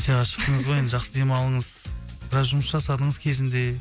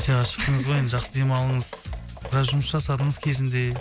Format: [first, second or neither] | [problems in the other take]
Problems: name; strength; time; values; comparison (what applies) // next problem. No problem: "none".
first | background sound (Drip); 19 dB below the speech